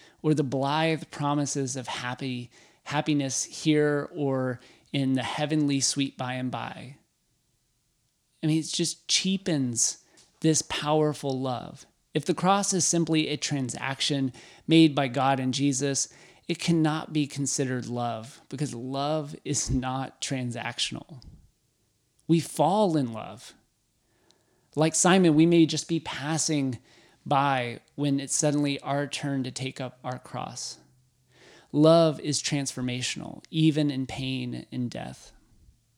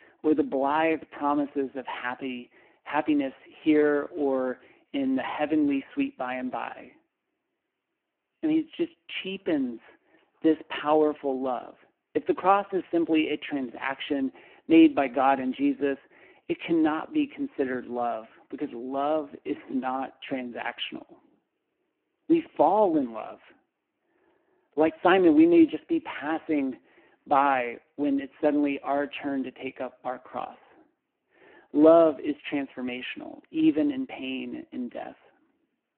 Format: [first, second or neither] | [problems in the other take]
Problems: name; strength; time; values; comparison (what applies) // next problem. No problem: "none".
first | phone-call audio; poor line